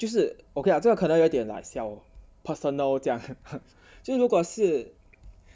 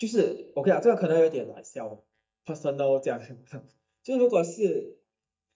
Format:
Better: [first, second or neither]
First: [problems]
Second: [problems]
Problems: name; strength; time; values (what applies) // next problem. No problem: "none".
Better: first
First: none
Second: noise reduction (neural mask model DeepFilterNet 3)